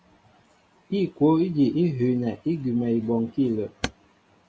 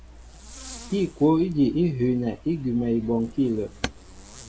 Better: first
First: none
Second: background sound (Zipper (clothing)); 19 dB below the speech

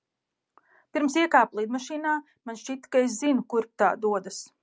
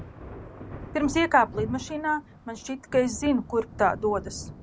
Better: first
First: none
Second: background sound (Thunder); 13 dB below the speech

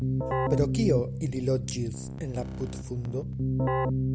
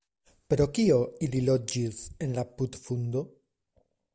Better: second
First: background sound (Keyboard (musical)); 2 dB above the speech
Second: none

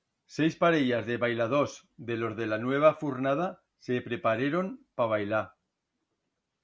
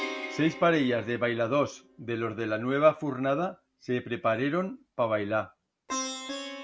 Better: first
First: none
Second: background sound (Plucked string instrument); 13 dB below the speech

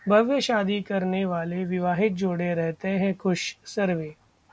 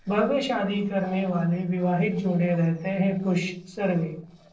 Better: first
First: none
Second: noise reduction (neural separator model SepFormer DNS4)

